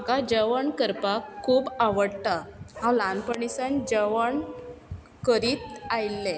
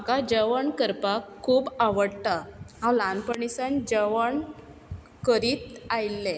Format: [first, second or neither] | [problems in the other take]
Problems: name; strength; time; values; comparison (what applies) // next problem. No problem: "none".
second | background sound (Dog); 16 dB below the speech